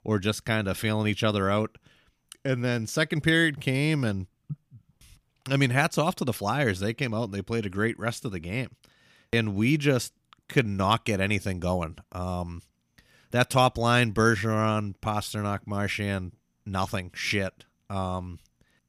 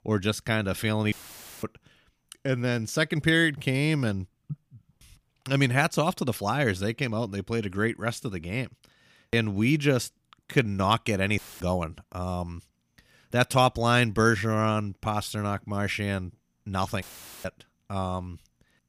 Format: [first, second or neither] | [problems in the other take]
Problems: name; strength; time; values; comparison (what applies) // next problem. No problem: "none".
first | audio cutting out; filled with static; at 1 s for 0.5 s, at 11 s and at 17 s